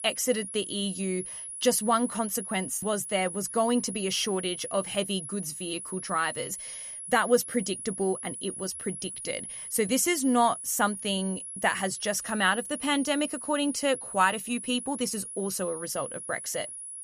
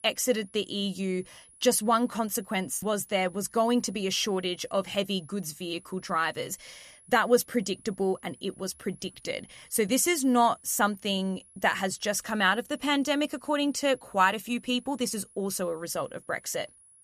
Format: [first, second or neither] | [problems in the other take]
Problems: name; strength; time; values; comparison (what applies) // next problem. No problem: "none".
second | high-pitched whine; loud; throughout; 10.5 kHz, 8 dB below the speech; faint in the second